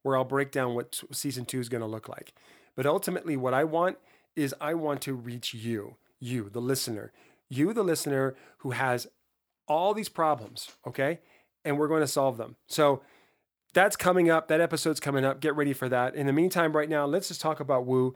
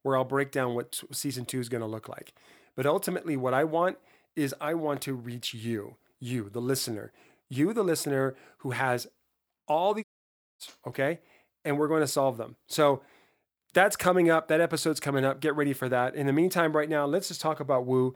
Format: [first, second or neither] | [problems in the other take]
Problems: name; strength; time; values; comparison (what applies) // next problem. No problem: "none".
first | audio cutting out; at 10 s for 0.5 s